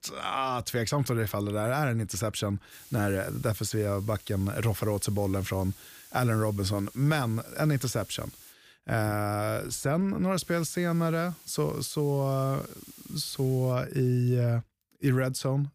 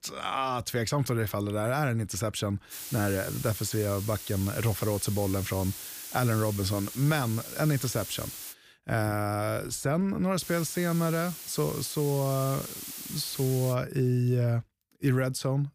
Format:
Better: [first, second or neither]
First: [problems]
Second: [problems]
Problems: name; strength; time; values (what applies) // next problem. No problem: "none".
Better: first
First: hiss; faint; from 2.5 to 8.5 s and from 10 to 14 s; 20 dB below the speech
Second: hiss; loud; from 2.5 to 8.5 s and from 10 to 14 s; 9 dB below the speech